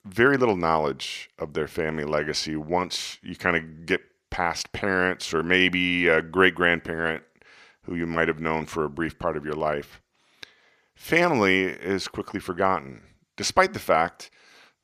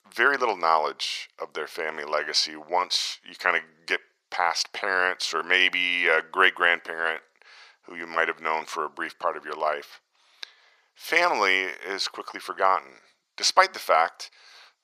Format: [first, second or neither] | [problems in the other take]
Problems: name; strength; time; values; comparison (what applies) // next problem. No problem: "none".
first | thin; very; fading below 650 Hz